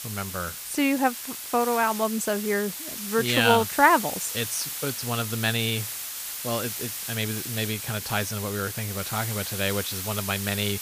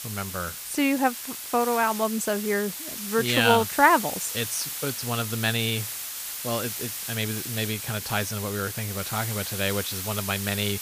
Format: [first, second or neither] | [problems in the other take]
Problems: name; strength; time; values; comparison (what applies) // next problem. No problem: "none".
neither | hiss; loud; throughout; 5 dB below the speech; the same in both